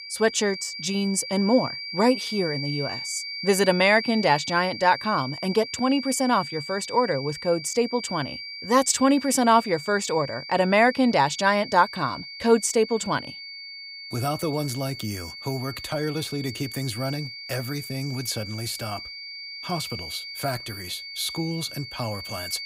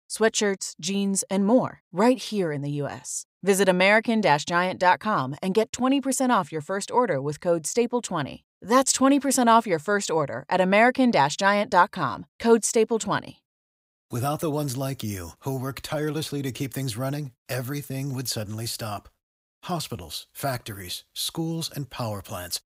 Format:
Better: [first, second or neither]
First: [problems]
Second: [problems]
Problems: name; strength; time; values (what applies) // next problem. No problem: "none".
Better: second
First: high-pitched whine; loud; throughout; 4.5 kHz, 10 dB below the speech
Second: none